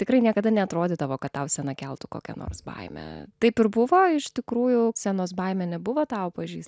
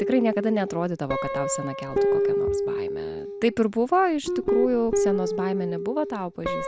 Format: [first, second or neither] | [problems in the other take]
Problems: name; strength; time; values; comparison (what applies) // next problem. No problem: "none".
first | background sound (Guitar); 1 dB below the speech